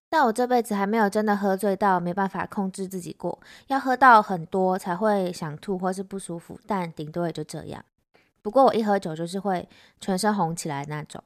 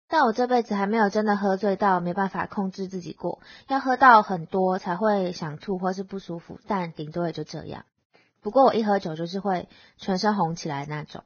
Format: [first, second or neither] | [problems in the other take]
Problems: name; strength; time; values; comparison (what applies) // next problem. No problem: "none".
first | garbled, watery; badly; nothing above 6.5 kHz